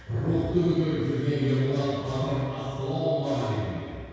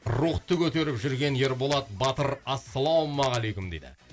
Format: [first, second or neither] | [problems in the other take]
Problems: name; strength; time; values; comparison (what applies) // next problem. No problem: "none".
second | room echo; dies away in 2 s